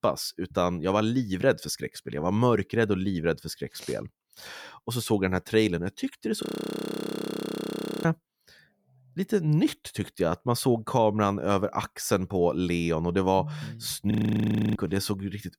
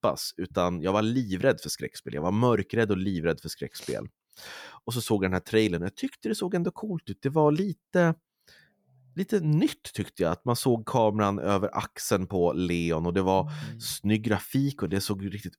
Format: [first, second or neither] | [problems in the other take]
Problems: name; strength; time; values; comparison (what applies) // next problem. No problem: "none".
second | audio freezing; at 6.5 s for 1.5 s and at 14 s for 0.5 s